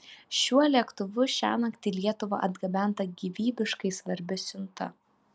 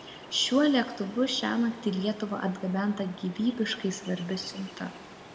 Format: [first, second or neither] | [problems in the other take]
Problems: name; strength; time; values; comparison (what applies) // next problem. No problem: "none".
first | background sound (Ocean); 17 dB below the speech // room echo; dies away in 1.3 s